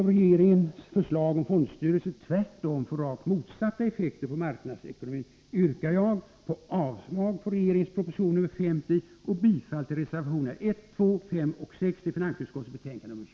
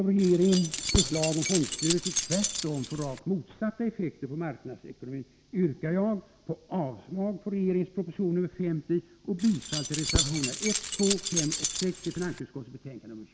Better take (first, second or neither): first